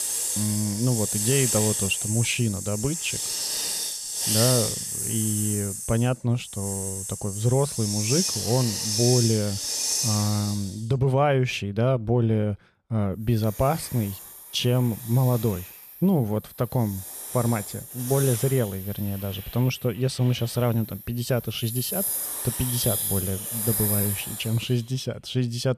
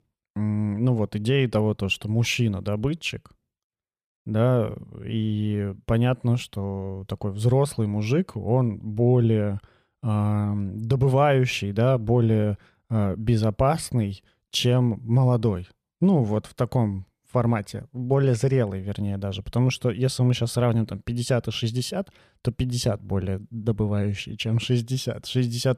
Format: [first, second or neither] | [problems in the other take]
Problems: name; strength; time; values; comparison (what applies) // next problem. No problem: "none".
second | hiss; loud; throughout; 1 dB below the speech